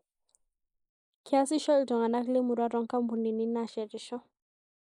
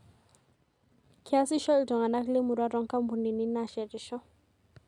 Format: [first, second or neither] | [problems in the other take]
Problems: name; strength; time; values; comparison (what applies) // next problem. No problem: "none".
second | noise reduction (neural mask model Resemble Enhance denoiser)